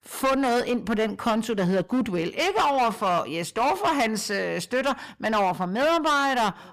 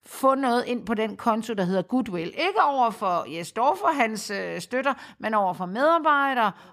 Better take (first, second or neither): second